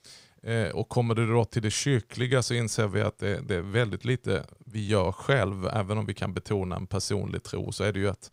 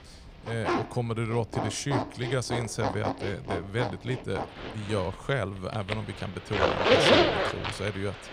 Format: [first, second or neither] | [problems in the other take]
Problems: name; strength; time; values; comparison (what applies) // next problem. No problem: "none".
first | household noises; very loud; throughout; 4 dB above the speech